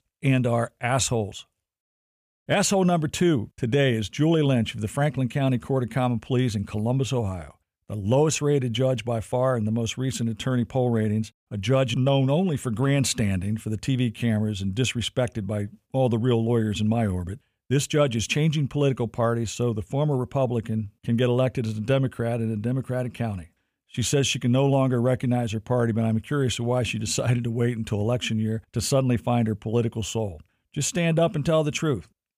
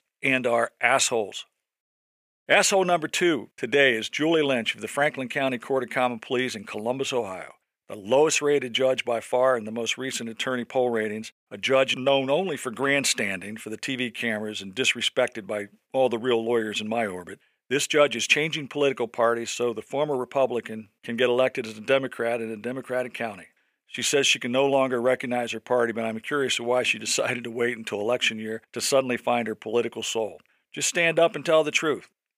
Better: first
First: none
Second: thin; somewhat; fading below 400 Hz

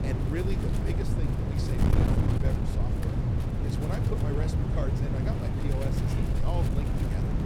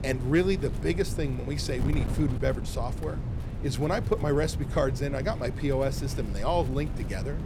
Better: second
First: wind noise on the microphone; heavy; 3 dB above the speech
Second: wind noise on the microphone; occasional gusts; 10 dB below the speech

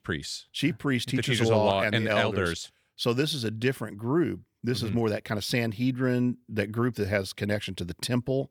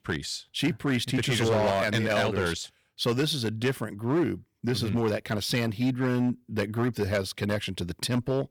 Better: first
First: none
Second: distortion; slight; 7% of the sound clipped

